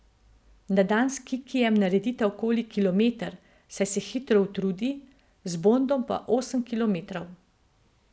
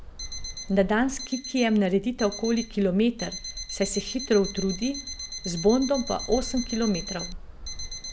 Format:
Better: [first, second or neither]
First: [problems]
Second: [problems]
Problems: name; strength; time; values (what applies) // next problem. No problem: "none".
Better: first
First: none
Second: background sound (Alarm + Bird); 10 dB below the speech